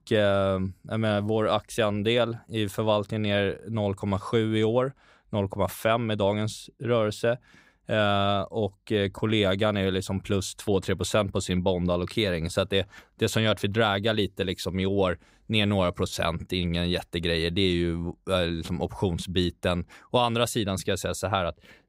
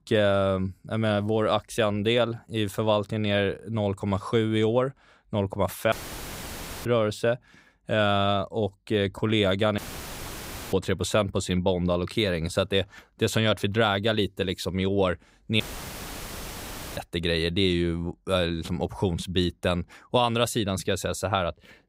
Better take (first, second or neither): first